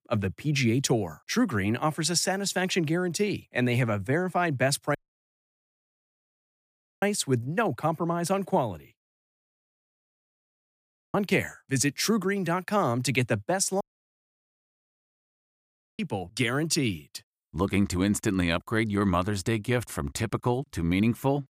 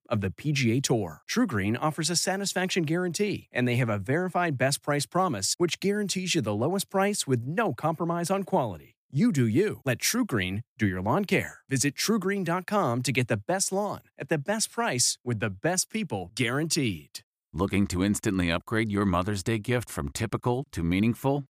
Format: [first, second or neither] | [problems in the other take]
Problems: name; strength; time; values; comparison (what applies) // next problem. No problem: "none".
second | audio cutting out; at 5 s for 2 s, at 9 s for 2 s and at 14 s for 2 s